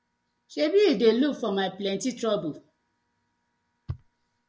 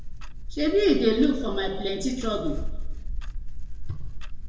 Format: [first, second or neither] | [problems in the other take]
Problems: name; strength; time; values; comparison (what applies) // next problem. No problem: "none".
first | background sound (Clock); 2 dB below the speech // room echo; dies away in 0.9 s